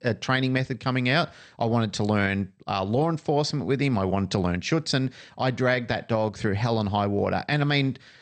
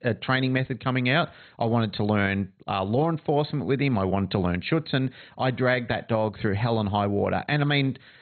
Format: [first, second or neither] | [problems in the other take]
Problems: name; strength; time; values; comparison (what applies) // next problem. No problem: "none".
first | garbled, watery; badly; nothing above 4 kHz; slightly in the first